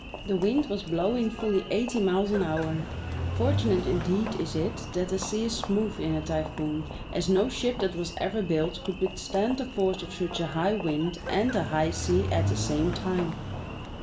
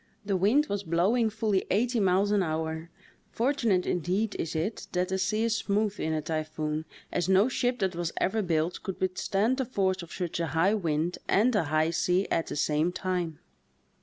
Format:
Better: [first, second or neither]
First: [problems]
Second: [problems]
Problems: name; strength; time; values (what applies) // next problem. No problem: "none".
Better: second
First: background sound (Engine); 6 dB below the speech // room echo; dies away in 0.4 s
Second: none